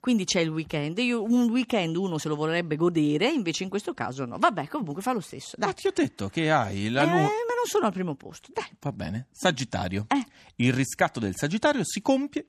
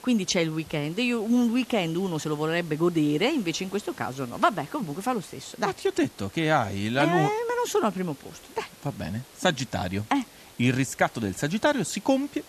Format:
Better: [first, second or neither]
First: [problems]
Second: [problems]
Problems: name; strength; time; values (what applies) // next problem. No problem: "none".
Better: first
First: none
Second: hiss; faint; throughout; 20 dB below the speech